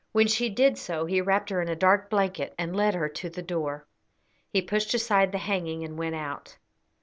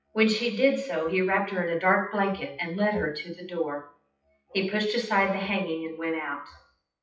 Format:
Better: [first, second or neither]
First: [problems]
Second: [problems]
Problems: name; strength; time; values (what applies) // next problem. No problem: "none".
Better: first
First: none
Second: noise reduction (classical method WPE with log-MMSE)